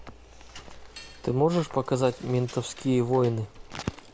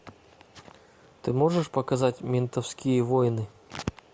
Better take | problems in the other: second | background sound (Cutlery, silverware / Dishes, pots, and pans); 19 dB below the speech

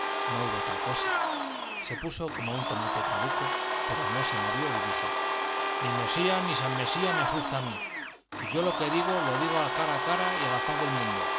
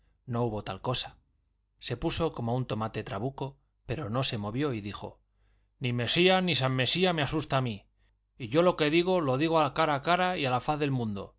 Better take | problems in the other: second | background sound (Domestic sounds, home sounds); 4 dB above the speech

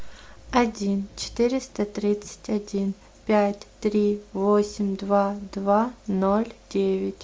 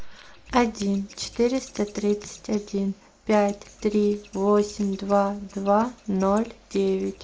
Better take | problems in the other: first | noise reduction (neural mask model Resemble Enhance denoiser)

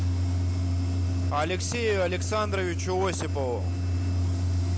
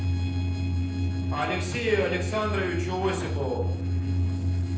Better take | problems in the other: first | noise reduction (neural separator model SepFormer DNS4)

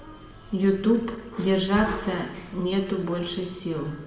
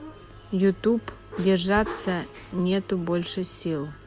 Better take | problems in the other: second | room echo; dies away in 0.9 s

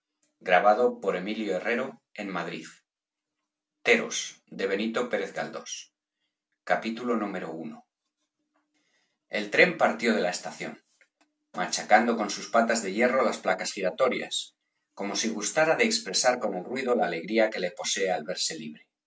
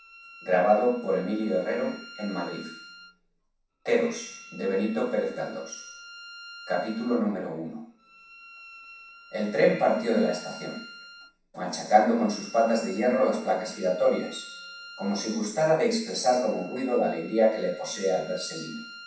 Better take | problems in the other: first | background sound (Bowed string instrument); 20 dB below the speech // room echo; dies away in 0.7 s

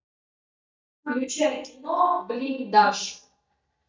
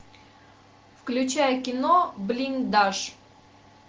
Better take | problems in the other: second | noise reduction (neural mask model DeepFilterNet 3)

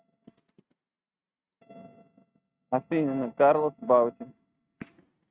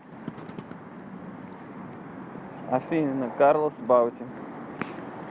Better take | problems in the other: second | noise reduction (neural mask model RNNoise)

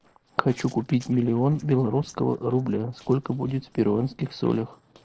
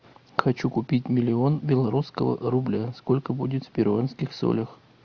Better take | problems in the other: second | noise reduction (neural separator model SepFormer DNS4)

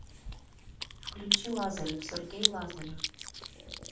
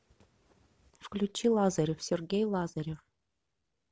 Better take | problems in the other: second | background sound (Chewing, mastication); 3 dB above the speech // room echo; dies away in 0.3 s

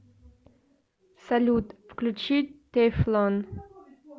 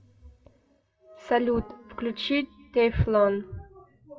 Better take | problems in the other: first | noise reduction (classical method WPE with log-MMSE)

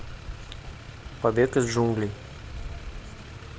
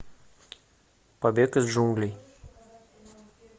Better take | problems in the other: second | background sound (Motor vehicle (road)); 10 dB below the speech

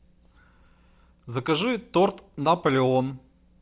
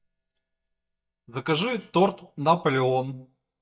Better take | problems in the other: first | noise reduction (neural mask model DeepFilterNet 3)

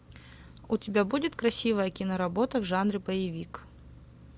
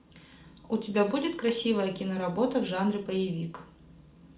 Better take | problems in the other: first | room echo; dies away in 0.4 s

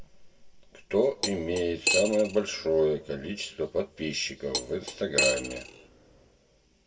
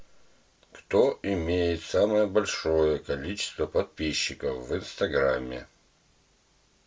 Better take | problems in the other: second | background sound (Cutlery, silverware); 3 dB below the speech // room echo; dies away in 1.4 s

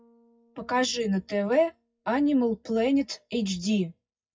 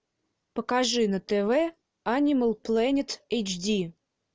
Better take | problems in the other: second | noise reduction (classical method WPE with log-MMSE)

